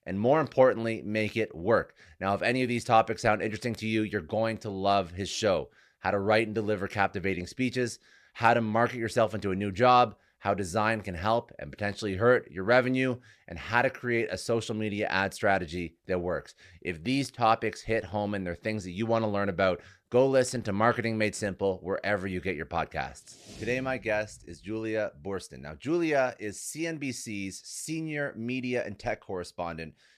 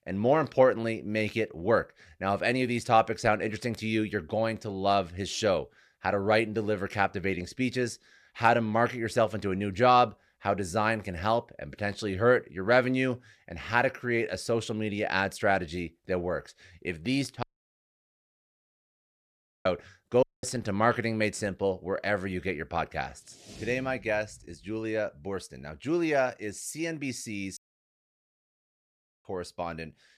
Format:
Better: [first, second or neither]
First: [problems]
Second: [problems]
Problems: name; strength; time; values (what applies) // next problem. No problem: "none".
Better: first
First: none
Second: audio cutting out; at 17 s for 2 s, at 20 s and at 28 s for 1.5 s